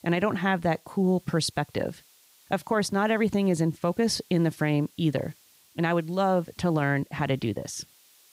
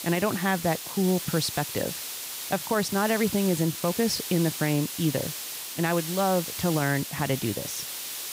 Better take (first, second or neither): first